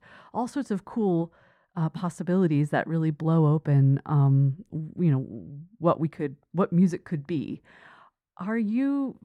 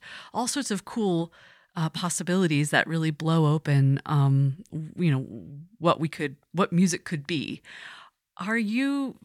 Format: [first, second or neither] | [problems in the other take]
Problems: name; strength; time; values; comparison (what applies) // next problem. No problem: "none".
second | muffled; very; fading above 1.5 kHz